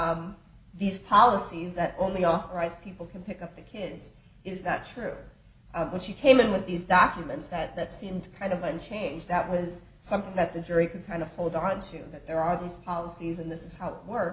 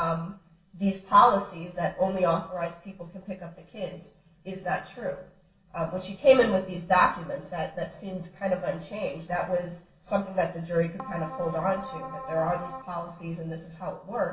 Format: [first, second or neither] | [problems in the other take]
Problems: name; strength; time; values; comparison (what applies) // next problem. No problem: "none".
first | noise reduction (neural separator model SepFormer DNS4)